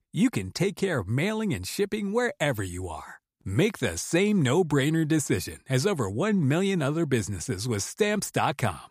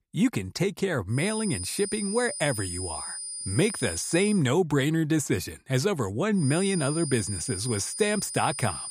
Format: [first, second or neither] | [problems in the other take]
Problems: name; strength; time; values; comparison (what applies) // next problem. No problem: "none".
first | high-pitched whine; loud; from 1 to 4.5 s and from 6.5 s on; 9.5 kHz, 6 dB below the speech